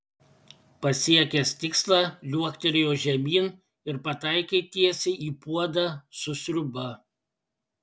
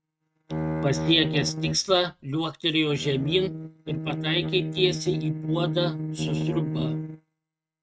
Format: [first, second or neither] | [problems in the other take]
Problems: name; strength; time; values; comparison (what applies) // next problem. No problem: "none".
first | noise reduction (neural mask model RNNoise)